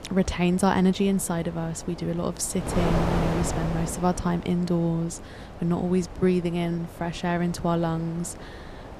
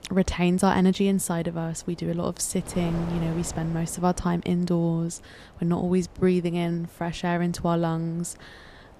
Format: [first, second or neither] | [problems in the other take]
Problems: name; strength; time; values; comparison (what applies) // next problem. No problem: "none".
second | wind noise on the microphone; heavy; 7 dB below the speech; occasional gusts in the second